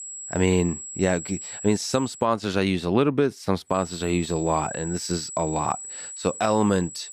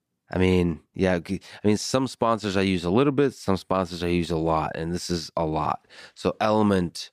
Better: second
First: high-pitched whine; noticeable; until 2 s and from 3.5 s on; 8 kHz, 10 dB below the speech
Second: none

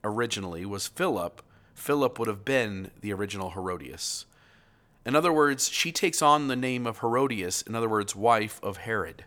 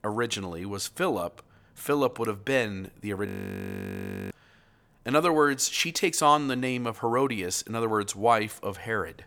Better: first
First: none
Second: audio freezing; at 3.5 s for 1 s

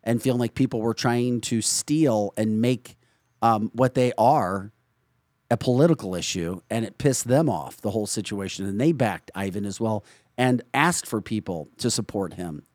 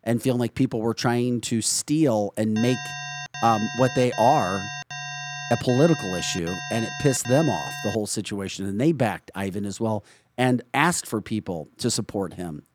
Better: first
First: none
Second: alarm; noticeable; from 2.5 to 8 s; peak 7 dB below the speech

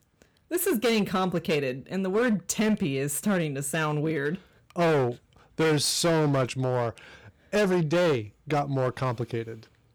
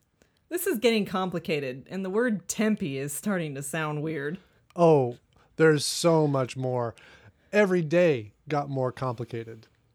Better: second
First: distortion; heavy; 11% of the sound clipped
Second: none

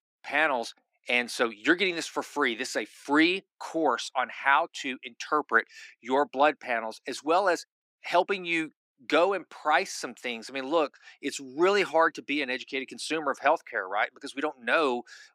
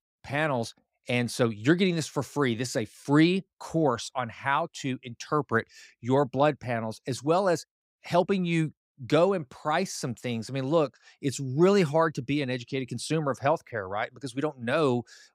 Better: second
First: thin; somewhat; fading below 300 Hz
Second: none

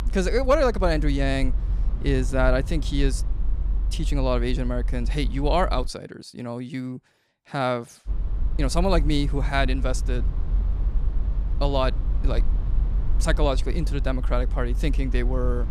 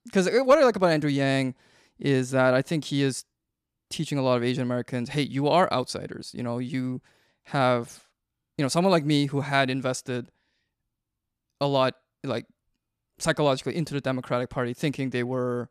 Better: second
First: low rumble; noticeable; until 6 s and from 8 s on; 20 dB below the speech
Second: none

